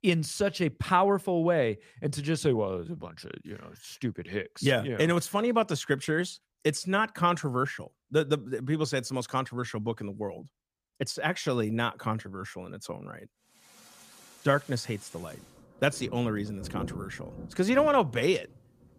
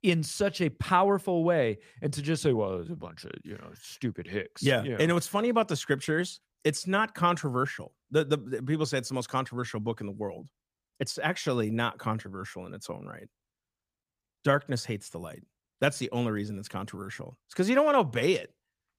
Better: second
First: rain or running water; noticeable; from 14 s on; 15 dB below the speech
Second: none

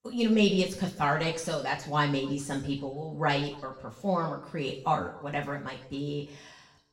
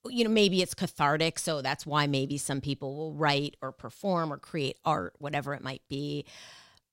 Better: second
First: room echo; slight; dies away in 0.7 s // off-mic speech; far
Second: none

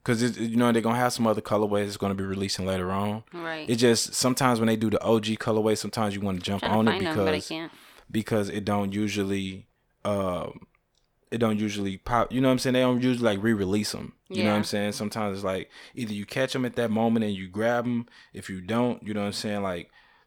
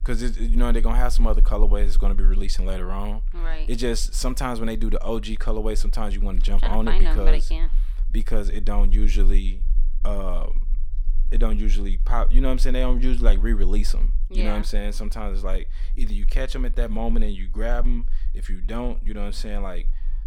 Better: first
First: none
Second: low rumble; faint; throughout; 25 dB below the speech

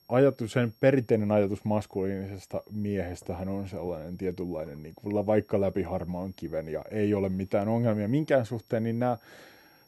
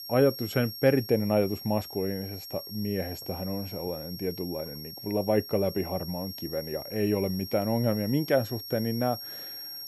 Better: first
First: high-pitched whine; faint; throughout; 5.5 kHz, 35 dB below the speech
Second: high-pitched whine; loud; throughout; 5.5 kHz, 9 dB below the speech

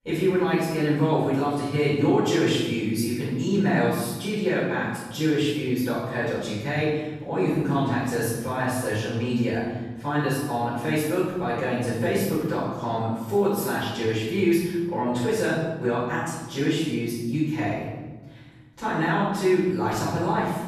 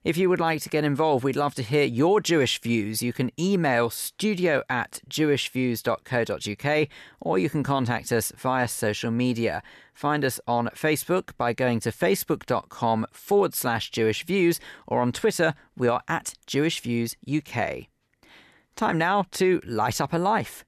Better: second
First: off-mic speech; far // room echo; strong; dies away in 1.5 s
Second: none

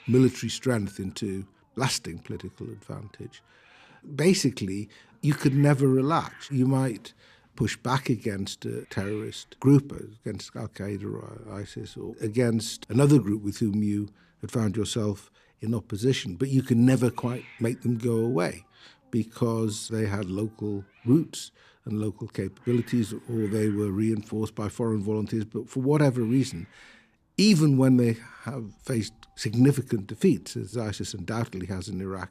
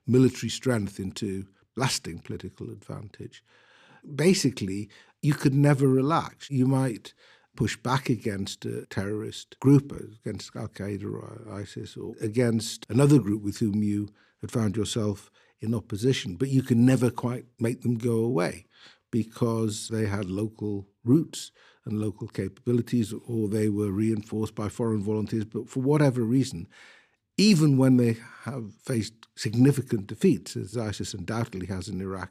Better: second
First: hiss; faint; throughout; 30 dB below the speech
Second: none

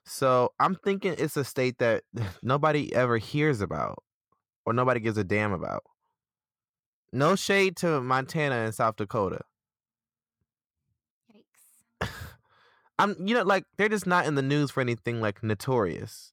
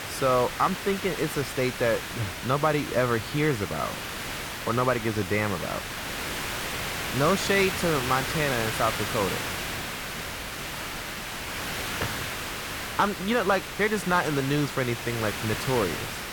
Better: first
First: none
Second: hiss; loud; throughout; 5 dB below the speech

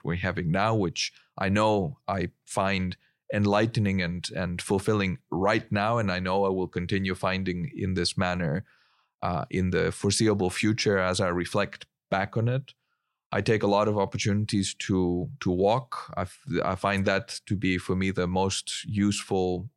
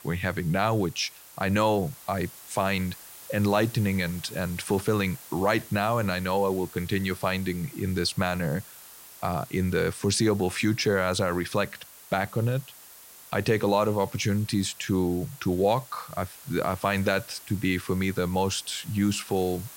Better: first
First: none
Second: hiss; noticeable; throughout; 15 dB below the speech

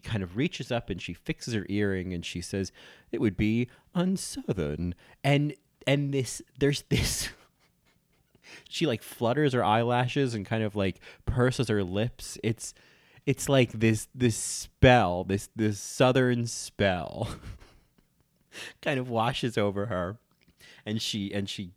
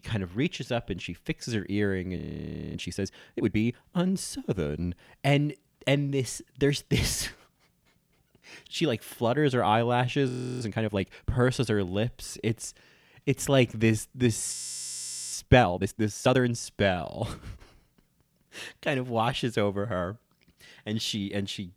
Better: first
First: none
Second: audio freezing; at 2 s for 0.5 s, at 10 s and at 15 s for 1 s

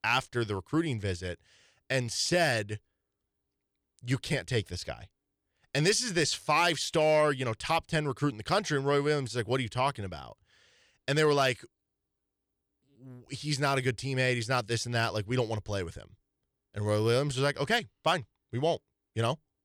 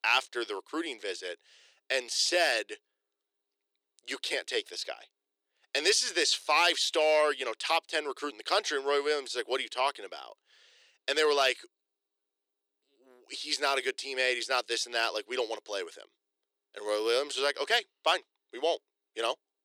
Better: first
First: none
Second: thin; very; fading below 350 Hz

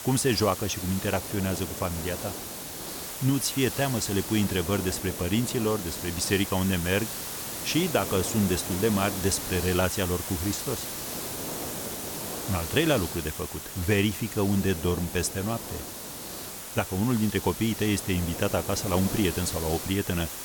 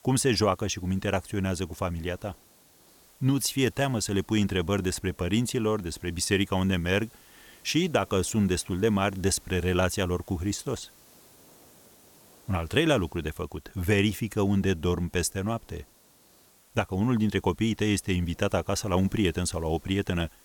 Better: second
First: hiss; loud; throughout; 6 dB below the speech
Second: hiss; faint; throughout; 25 dB below the speech

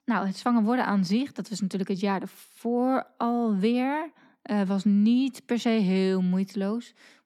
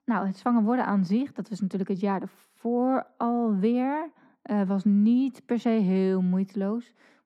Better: first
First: none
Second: muffled; slightly; fading above 2 kHz

